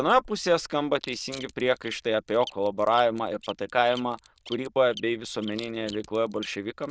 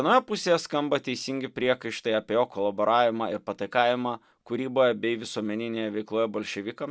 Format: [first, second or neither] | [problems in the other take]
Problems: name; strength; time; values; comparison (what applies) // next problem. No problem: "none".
second | noise reduction (neural diffusion model UNIVERSE++)